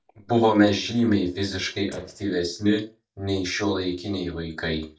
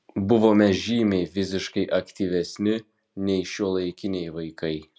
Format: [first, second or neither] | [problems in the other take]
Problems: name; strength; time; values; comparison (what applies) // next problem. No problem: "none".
second | noise reduction (neural mask model DeepFilterNet 3)